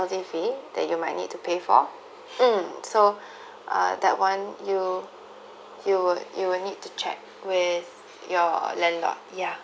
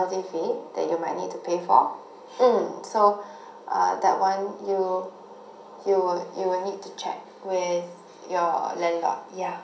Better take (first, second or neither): first